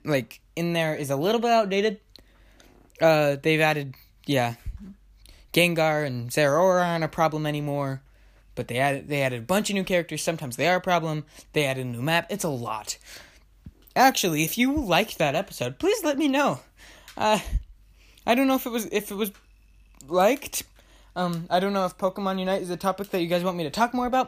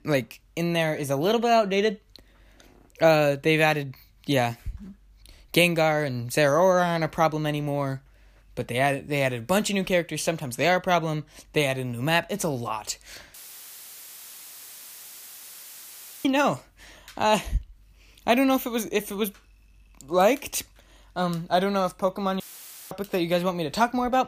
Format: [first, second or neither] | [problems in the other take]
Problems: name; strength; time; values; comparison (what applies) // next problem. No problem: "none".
first | audio cutting out; filled with static; at 13 s for 3 s and at 22 s for 0.5 s